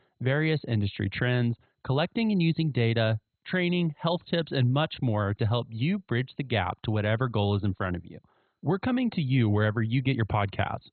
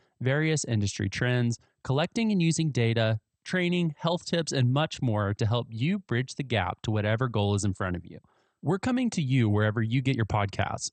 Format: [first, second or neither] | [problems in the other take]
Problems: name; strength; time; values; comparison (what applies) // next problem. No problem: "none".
second | garbled, watery; badly; nothing above 4 kHz; slightly in the second